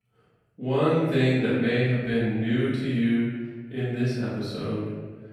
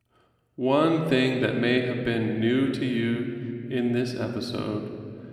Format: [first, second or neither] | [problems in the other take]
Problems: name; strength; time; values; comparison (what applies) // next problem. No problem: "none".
second | room echo; strong; dies away in 1.3 s; slight in the second // off-mic speech; far